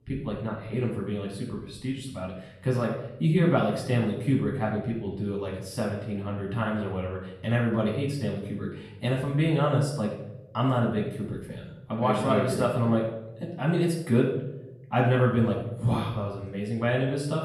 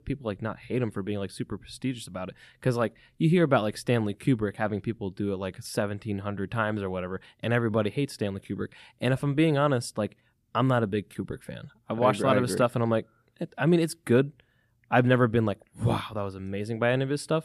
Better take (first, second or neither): second